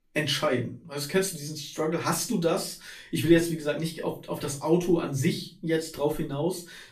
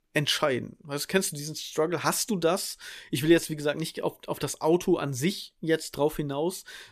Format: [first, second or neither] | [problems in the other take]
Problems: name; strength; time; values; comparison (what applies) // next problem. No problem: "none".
second | off-mic speech; far // room echo; very slight; dies away in 0.3 s